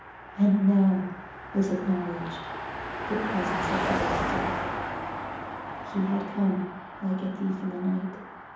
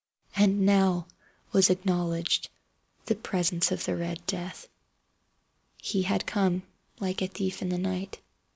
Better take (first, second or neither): second